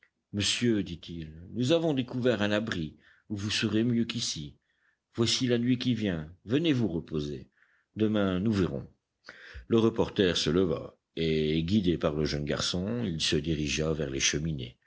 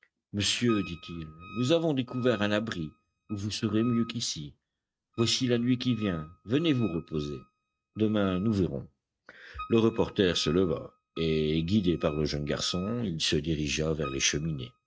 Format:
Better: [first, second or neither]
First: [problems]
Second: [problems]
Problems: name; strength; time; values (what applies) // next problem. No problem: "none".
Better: first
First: none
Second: noise reduction (neural mask model RNNoise)